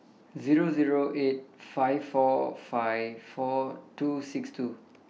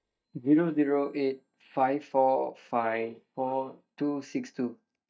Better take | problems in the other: first | noise reduction (neural mask model DeepFilterNet 3)

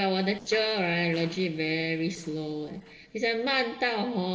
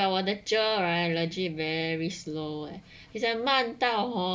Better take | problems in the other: second | noise reduction (neural separator model SepFormer DNS4)

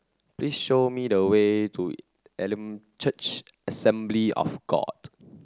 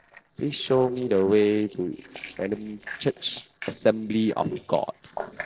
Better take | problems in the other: first | noise reduction (neural separator model SepFormer DNS4)

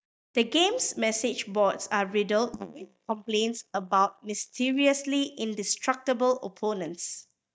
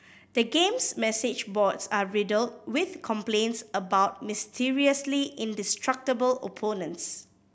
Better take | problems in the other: second | noise reduction (neural mask model DeepFilterNet 3)

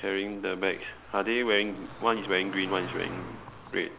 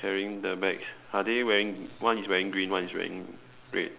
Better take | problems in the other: second | background sound (Car passing by); 15 dB below the speech

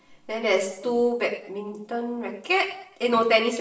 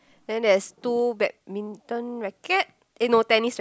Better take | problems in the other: second | room echo; dies away in 0.7 s

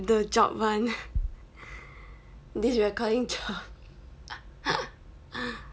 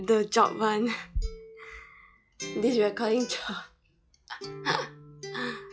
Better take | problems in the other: first | noise reduction (classical method log-MMSE)

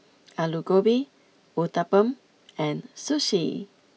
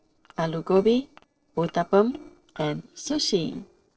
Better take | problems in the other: first | noise reduction (neural separator model SepFormer DNS4)

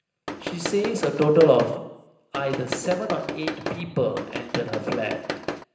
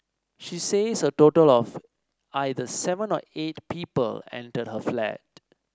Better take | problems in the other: second | background sound (Tools); 7 dB below the speech // room echo; dies away in 0.9 s

